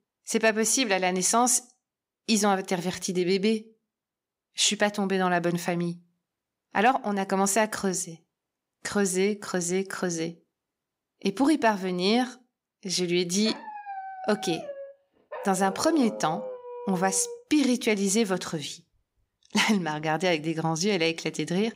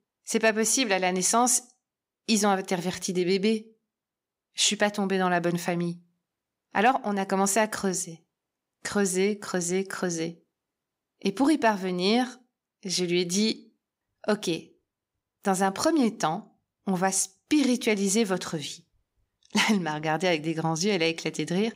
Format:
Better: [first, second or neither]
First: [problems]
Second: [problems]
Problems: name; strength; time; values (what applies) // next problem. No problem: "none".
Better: second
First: dog barking; faint; from 13 to 17 s; peak 10 dB below the speech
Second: none